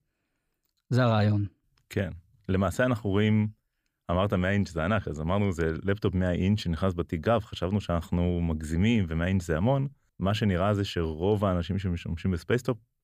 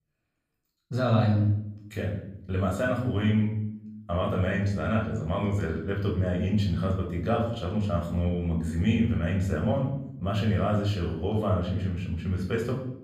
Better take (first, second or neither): first